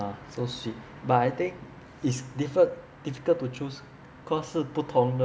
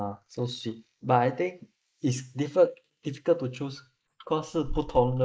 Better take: first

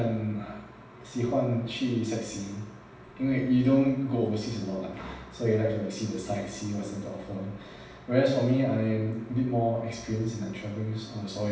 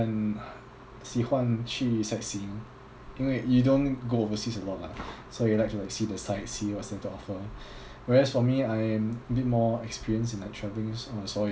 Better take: second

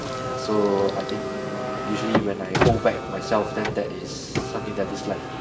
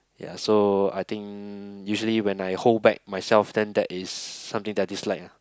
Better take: second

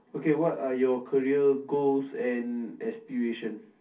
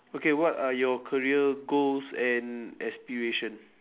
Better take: second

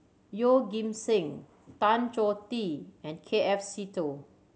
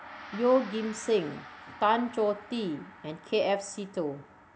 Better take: first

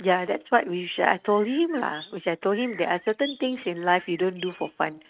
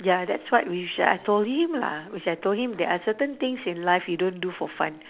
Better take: second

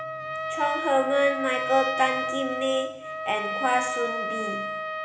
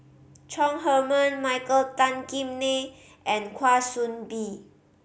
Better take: second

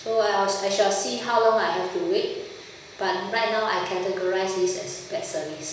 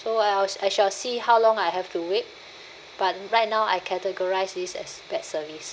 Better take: second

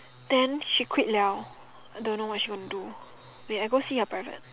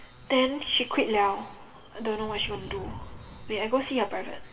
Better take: first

